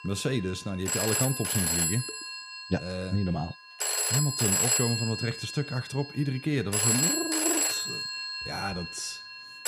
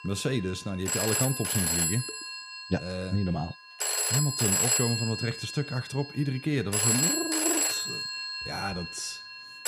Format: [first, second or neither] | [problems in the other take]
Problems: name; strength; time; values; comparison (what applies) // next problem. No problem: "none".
neither | alarms or sirens; very loud; throughout; 4 dB above the speech; the same in both